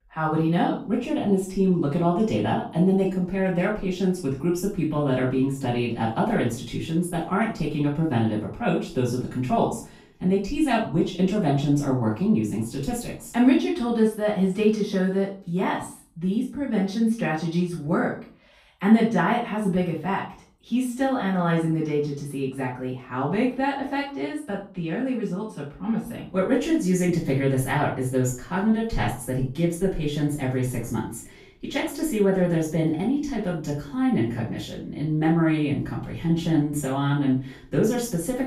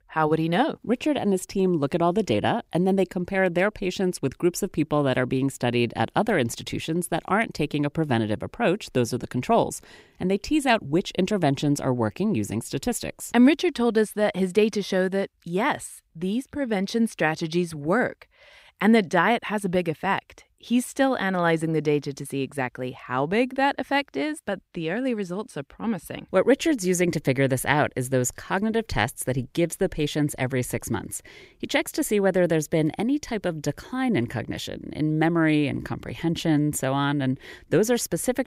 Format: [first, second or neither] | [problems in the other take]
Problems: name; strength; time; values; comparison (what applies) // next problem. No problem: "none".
second | room echo; noticeable; dies away in 0.4 s // off-mic speech; far